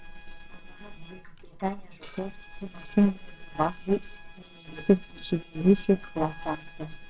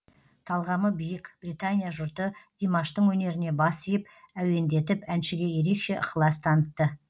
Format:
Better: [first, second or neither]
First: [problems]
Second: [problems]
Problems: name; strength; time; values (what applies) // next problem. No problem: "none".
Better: second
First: noise reduction (neural separator model SepFormer WHAMR!)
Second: none